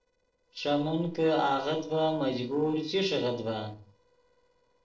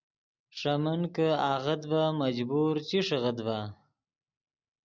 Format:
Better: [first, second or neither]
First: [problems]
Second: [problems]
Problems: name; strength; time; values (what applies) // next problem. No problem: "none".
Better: second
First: noise reduction (neural separator model SepFormer DNS4)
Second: none